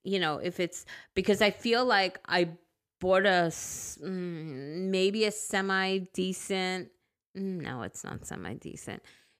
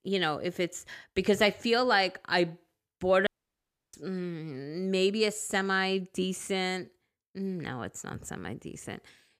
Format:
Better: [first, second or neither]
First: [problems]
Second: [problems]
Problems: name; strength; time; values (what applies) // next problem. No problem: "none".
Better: first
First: none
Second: audio cutting out; at 3.5 s for 0.5 s